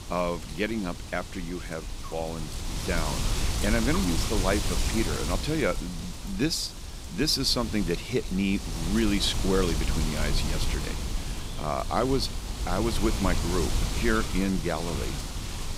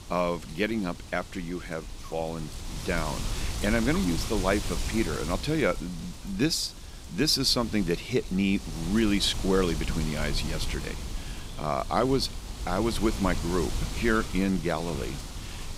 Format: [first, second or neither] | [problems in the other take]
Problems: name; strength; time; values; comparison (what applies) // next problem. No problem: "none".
second | wind noise on the microphone; heavy; 5 dB below the speech; occasional gusts in the second